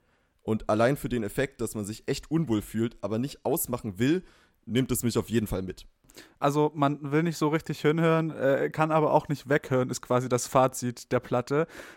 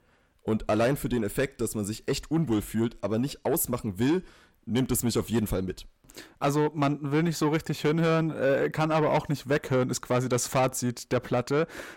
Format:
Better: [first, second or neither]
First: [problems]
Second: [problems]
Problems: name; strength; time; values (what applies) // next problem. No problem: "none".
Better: first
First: none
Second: distortion; slight; 10 dB below the speech